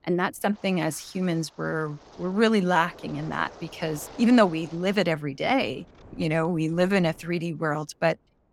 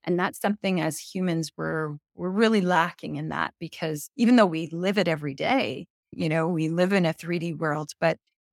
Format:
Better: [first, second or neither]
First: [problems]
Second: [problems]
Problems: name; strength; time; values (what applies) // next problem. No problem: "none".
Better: second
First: wind noise on the microphone; occasional gusts; 20 dB below the speech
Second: none